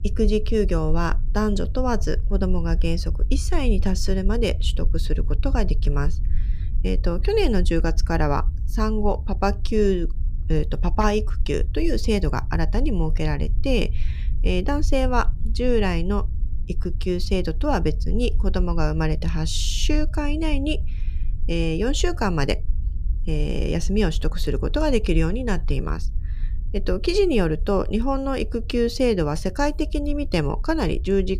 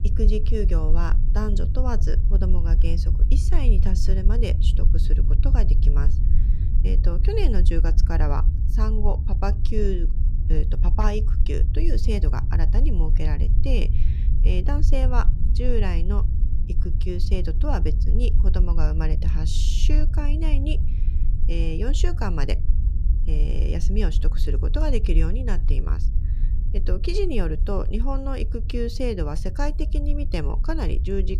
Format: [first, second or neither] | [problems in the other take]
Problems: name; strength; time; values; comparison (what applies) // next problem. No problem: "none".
first | low rumble; loud; throughout; 10 dB below the speech; faint in the first